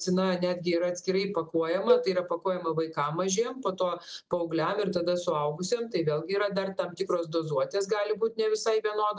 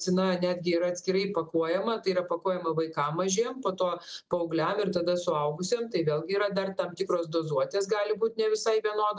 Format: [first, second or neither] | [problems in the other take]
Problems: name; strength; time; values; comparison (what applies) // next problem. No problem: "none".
second | background sound (Cowbell); 3 dB below the speech